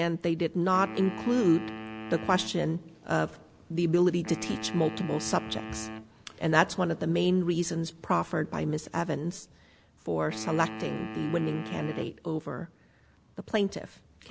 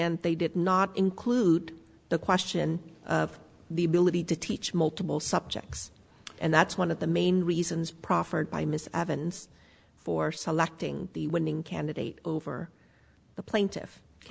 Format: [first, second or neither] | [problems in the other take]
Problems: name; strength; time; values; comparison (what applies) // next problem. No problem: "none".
second | background sound (Wind instrument, woodwind instrument); 12 dB below the speech